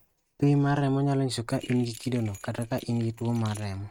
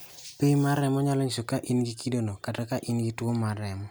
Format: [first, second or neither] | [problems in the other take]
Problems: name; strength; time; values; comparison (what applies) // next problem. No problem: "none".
second | noise reduction (neural mask model RNNoise)